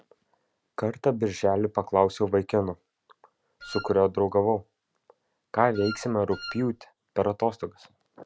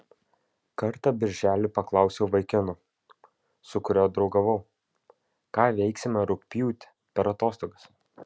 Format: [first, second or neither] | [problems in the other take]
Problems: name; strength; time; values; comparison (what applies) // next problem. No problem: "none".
second | background sound (Wind instrument, woodwind instrument); 13 dB below the speech